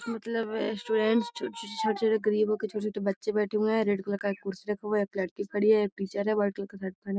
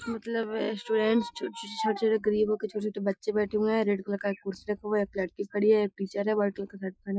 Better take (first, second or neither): first